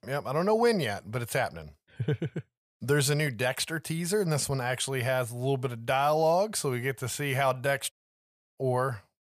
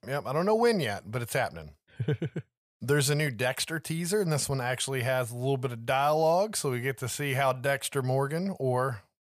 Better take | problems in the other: second | audio cutting out; at 8 s for 0.5 s

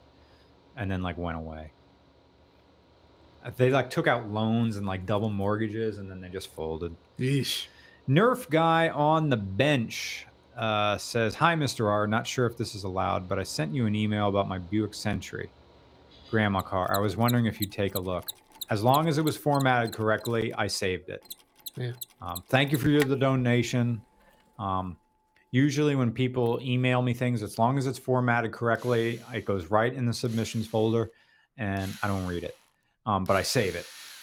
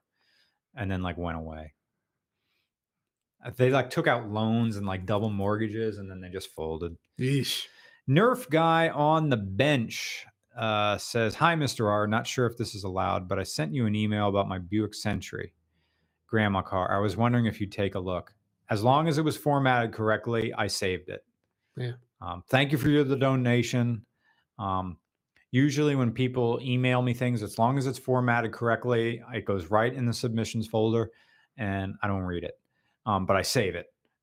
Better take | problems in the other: second | machinery noise; noticeable; throughout; 15 dB below the speech

